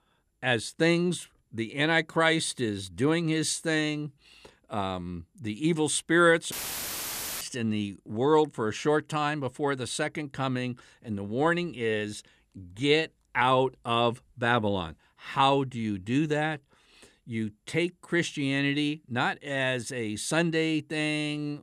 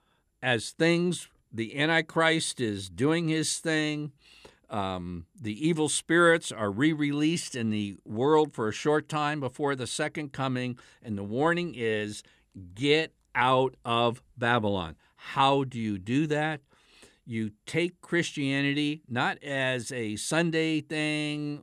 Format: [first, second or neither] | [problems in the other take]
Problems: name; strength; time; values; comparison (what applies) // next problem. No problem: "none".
second | audio cutting out; filled with static; at 6.5 s for 1 s